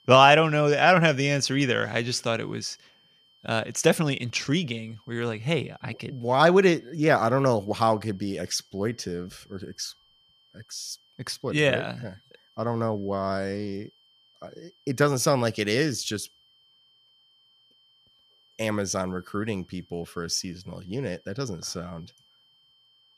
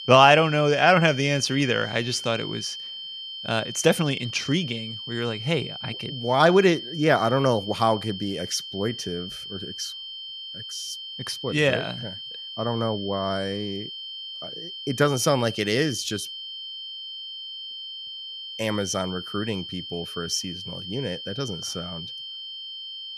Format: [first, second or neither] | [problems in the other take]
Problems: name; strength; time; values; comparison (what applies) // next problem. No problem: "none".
first | high-pitched whine; loud; throughout; 3 kHz, 10 dB below the speech; faint in the first